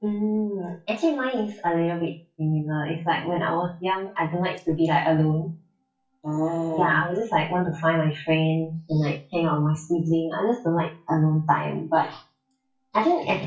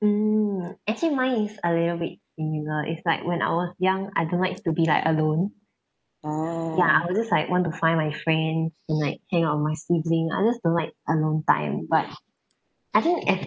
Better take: second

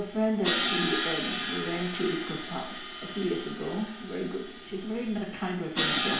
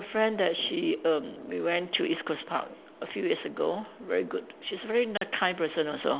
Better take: second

